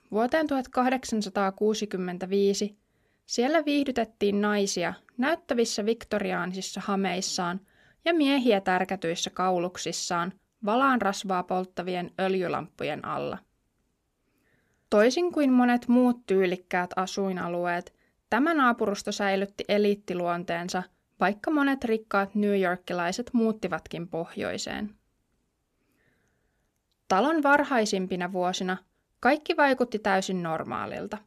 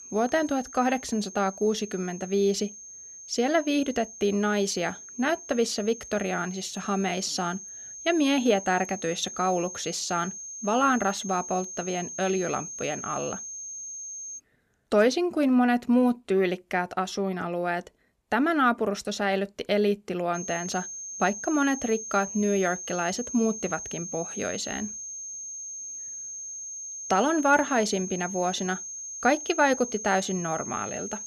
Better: first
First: none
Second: high-pitched whine; loud; until 14 s and from 20 s on; 6.5 kHz, 9 dB below the speech

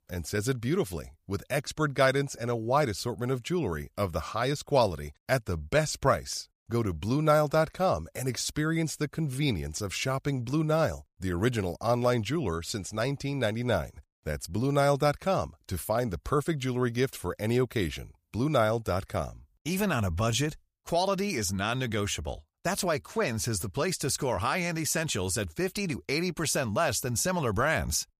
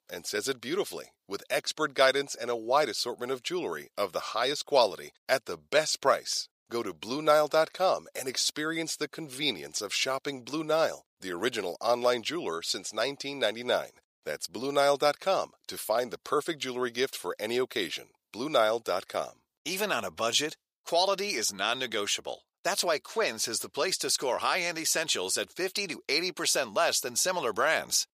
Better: first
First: none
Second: thin; somewhat; fading below 450 Hz

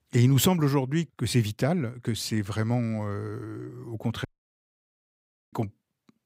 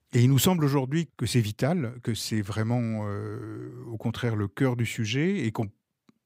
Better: second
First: audio cutting out; at 4.5 s for 1.5 s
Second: none

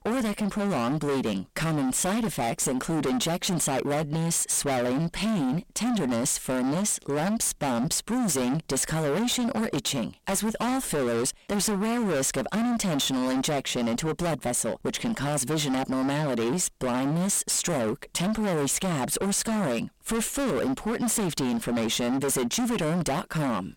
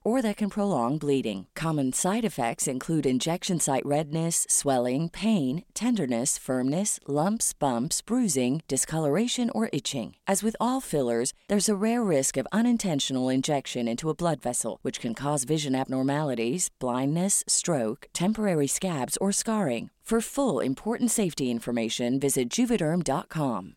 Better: second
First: distortion; heavy; 39% of the sound clipped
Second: none

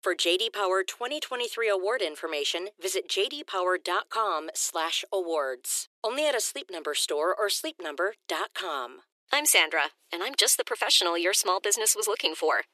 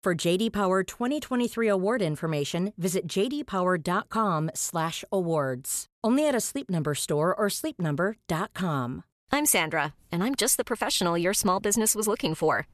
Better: second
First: thin; very; fading below 350 Hz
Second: none

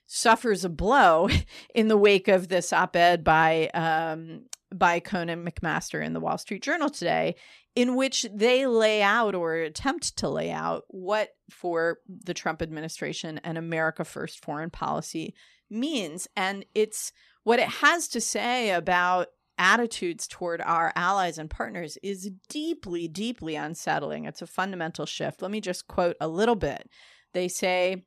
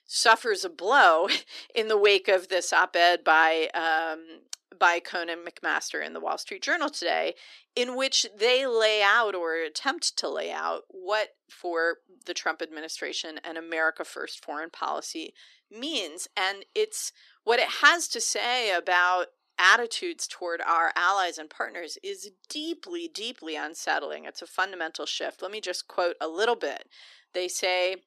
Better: first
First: none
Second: thin; very; fading below 300 Hz

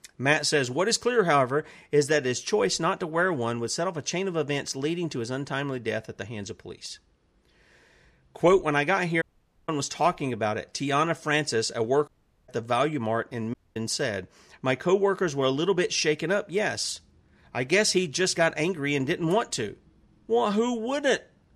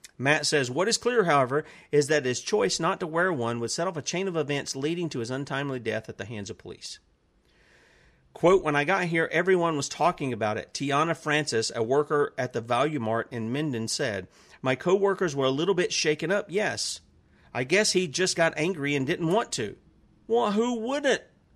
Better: second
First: audio cutting out; at 9 s, at 12 s and at 14 s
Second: none

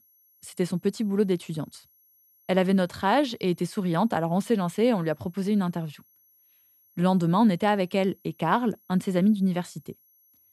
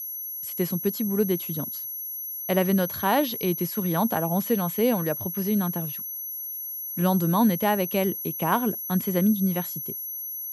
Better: first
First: high-pitched whine; faint; throughout; 11.5 kHz, 35 dB below the speech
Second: high-pitched whine; loud; throughout; 11.5 kHz, 5 dB below the speech

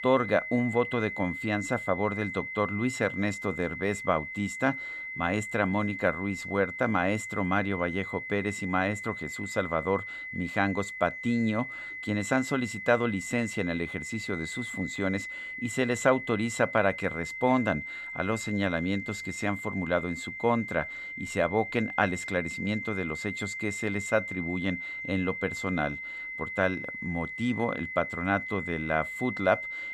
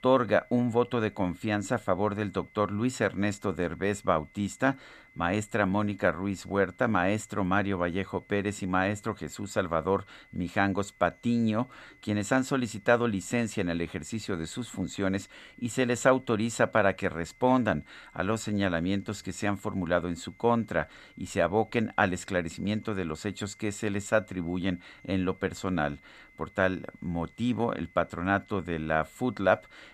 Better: second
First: high-pitched whine; loud; throughout; 2 kHz, 6 dB below the speech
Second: high-pitched whine; faint; throughout; 2 kHz, 30 dB below the speech

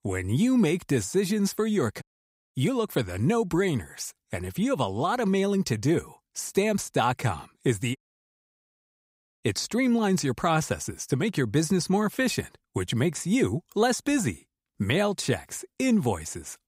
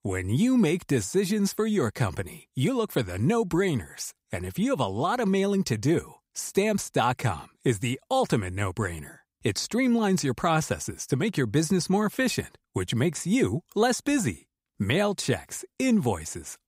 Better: second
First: audio cutting out; at 2 s for 0.5 s and at 8 s for 1.5 s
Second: none

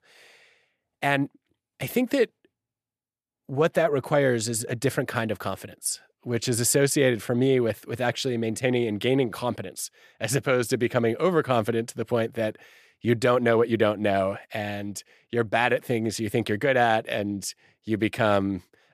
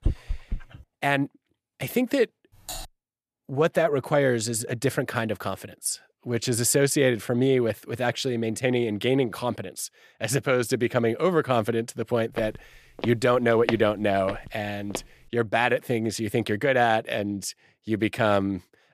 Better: first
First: none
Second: dog barking; noticeable; at the start; peak 6 dB below the speech // keyboard typing; faint; at 2.5 s; peak 10 dB below the speech // footsteps; noticeable; from 12 to 15 s; peak 7 dB below the speech

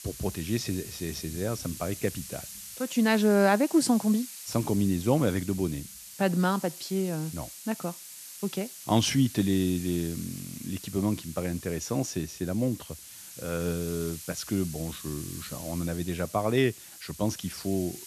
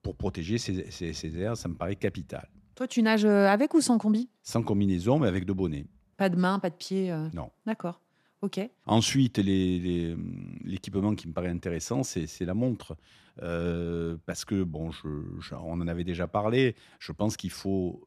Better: second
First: hiss; noticeable; throughout; 10 dB below the speech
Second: none

